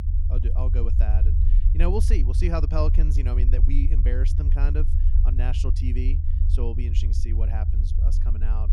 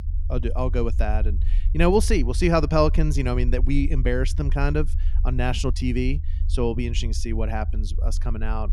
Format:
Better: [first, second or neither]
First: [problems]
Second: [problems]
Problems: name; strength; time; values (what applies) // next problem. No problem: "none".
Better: second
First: low rumble; loud; throughout; 6 dB below the speech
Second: low rumble; faint; throughout; 20 dB below the speech